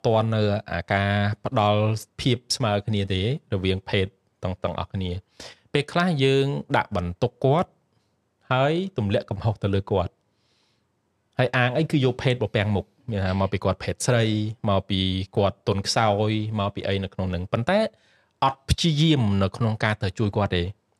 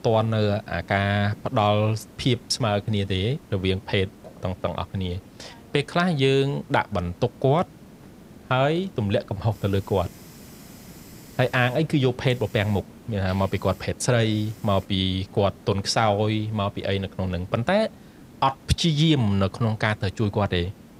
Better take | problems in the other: first | hiss; faint; throughout; 20 dB below the speech

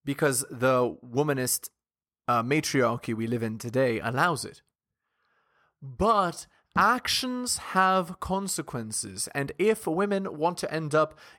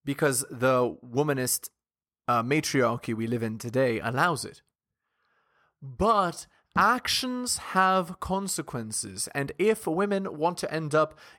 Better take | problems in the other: neither | none

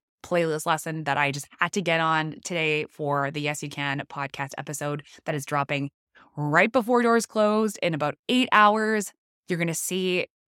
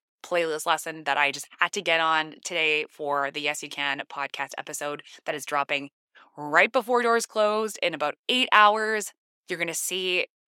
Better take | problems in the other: first | thin; somewhat; fading below 400 Hz

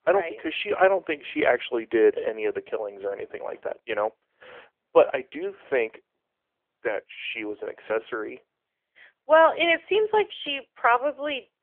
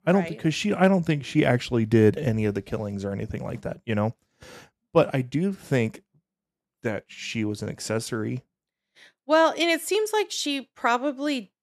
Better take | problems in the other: second | phone-call audio; nothing above 3.5 kHz

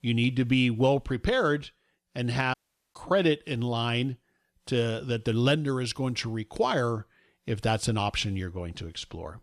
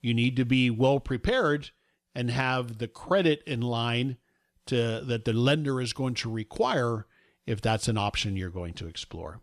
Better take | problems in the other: second | audio cutting out; at 2.5 s

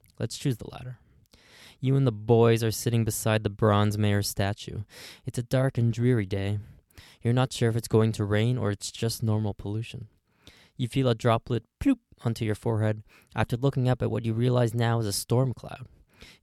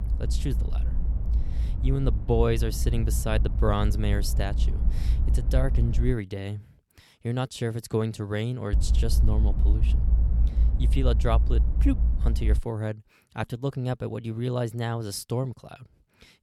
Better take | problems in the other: first | low rumble; noticeable; until 6 s and from 8.5 to 13 s; 10 dB below the speech

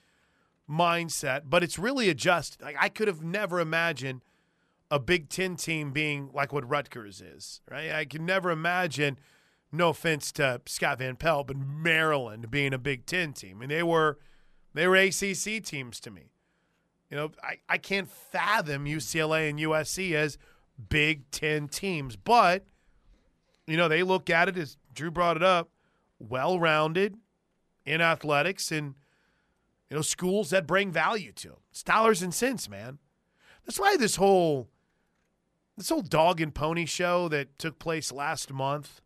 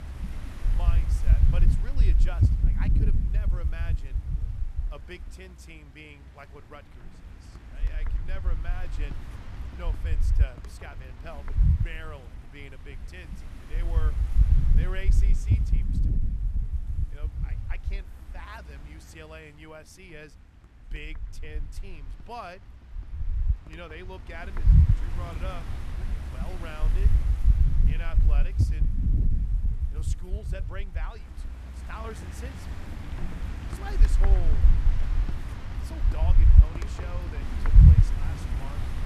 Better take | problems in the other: first | wind noise on the microphone; heavy; 1 dB above the speech

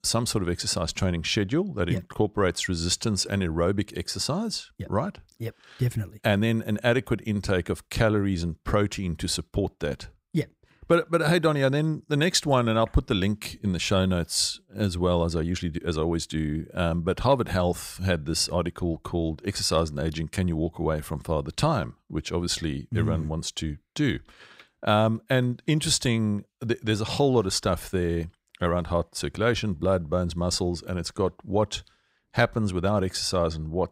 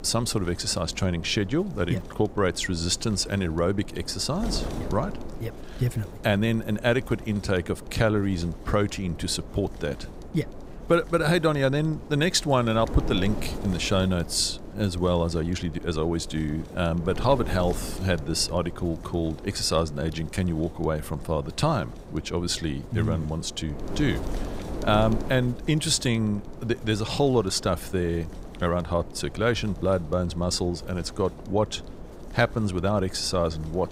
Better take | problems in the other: first | wind noise on the microphone; occasional gusts; 15 dB below the speech

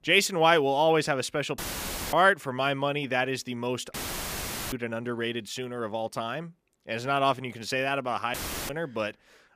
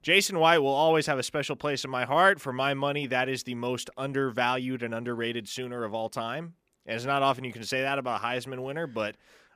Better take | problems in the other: second | audio cutting out; filled with static; at 1.5 s for 0.5 s, at 4 s for 1 s and at 8.5 s

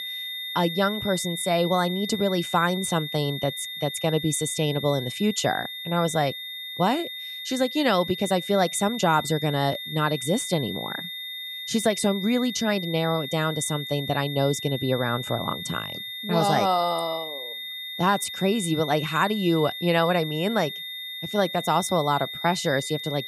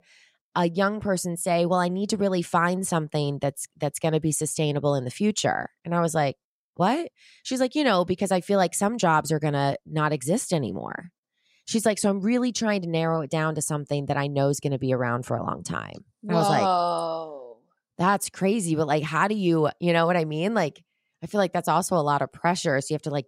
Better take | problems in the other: second | high-pitched whine; loud; throughout; 3.5 kHz, 7 dB below the speech

